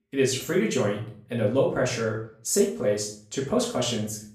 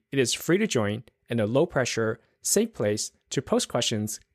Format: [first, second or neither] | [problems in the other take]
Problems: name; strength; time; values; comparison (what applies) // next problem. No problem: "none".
second | off-mic speech; far // room echo; slight; dies away in 0.4 s